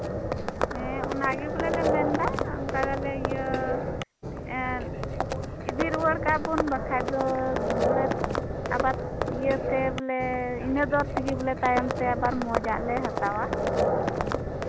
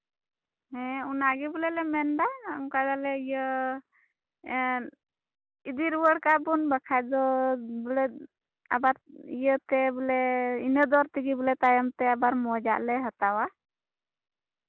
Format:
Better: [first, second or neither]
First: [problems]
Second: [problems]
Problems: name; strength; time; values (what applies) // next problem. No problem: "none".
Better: second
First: background sound (Livestock, farm animals, working animals); 1 dB above the speech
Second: none